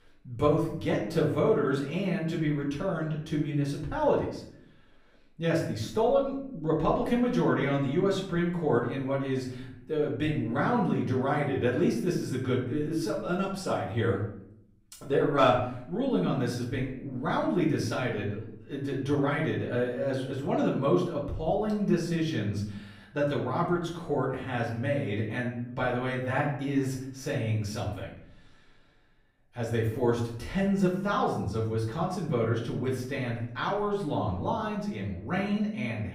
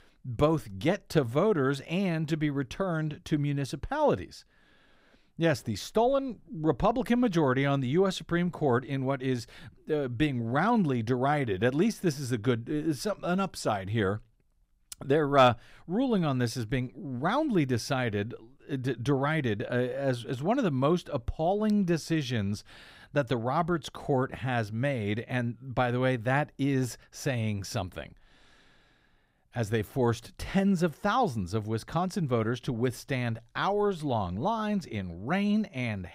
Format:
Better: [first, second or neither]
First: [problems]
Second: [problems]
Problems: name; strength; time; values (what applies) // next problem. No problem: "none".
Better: second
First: off-mic speech; far // room echo; noticeable; dies away in 0.6 s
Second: none